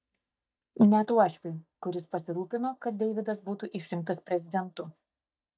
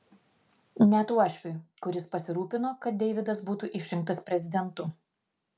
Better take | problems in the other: second | noise reduction (neural mask model DeepFilterNet 3)

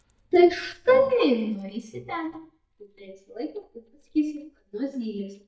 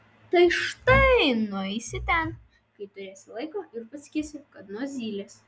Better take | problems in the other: second | noise reduction (neural mask model DeepFilterNet 3)

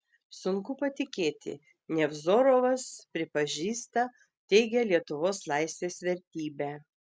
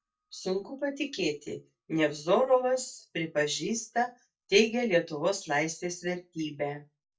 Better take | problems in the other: first | noise reduction (neural mask model DeepFilterNet 3)

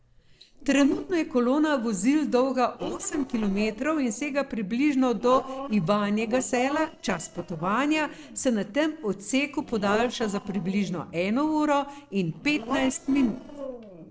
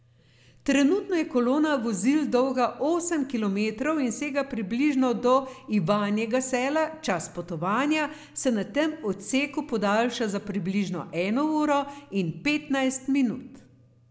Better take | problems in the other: second | noise reduction (neural separator model SepFormer DNS4)

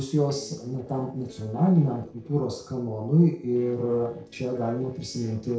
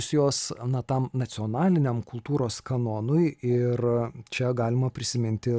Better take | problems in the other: second | noise reduction (neural separator model SepFormer DNS4)

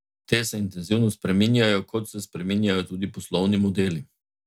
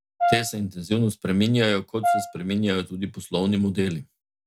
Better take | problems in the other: first | background sound (Brass instrument); 4 dB below the speech

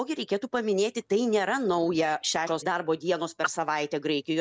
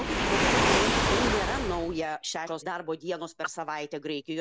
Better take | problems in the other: first | background sound (Waves, surf); 3 dB above the speech

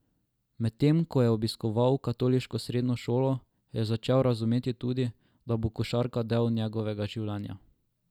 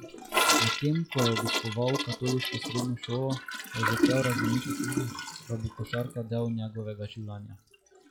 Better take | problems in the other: first | noise reduction (classical method log-MMSE)

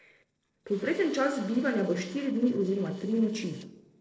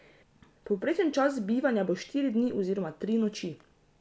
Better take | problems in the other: second | noise reduction (neural separator model SepFormer DNS4)

